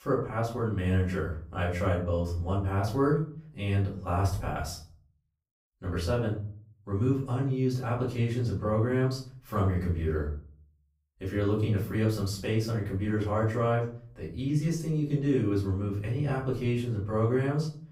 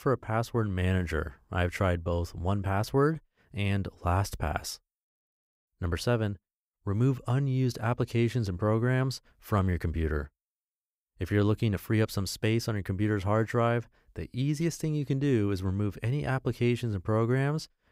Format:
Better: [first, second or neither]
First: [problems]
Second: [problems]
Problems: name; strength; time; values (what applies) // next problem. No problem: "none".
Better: second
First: off-mic speech; far // room echo; slight; dies away in 0.5 s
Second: none